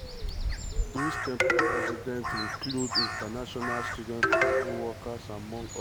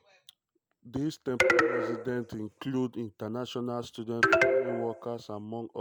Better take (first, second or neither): second